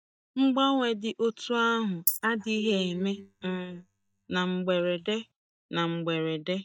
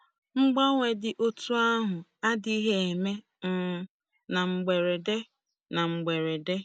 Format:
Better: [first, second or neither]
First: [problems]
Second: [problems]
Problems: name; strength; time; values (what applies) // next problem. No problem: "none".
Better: second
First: noise reduction (neural mask model DeepFilterNet 3)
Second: none